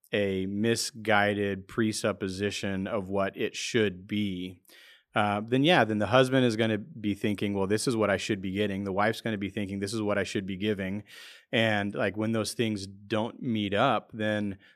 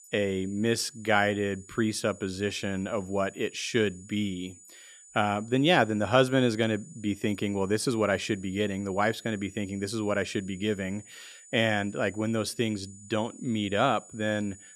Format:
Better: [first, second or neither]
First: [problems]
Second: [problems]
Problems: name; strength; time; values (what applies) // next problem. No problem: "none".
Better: first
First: none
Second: high-pitched whine; faint; throughout; 7 kHz, 20 dB below the speech